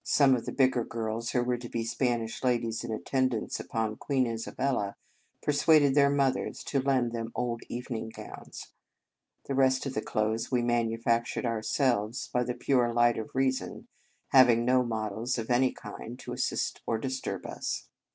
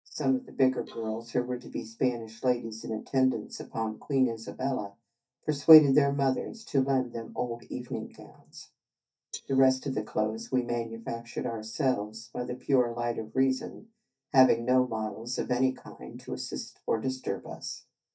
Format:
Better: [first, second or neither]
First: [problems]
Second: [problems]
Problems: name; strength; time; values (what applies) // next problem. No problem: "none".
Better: first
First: none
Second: noise reduction (neural mask model DeepFilterNet 3)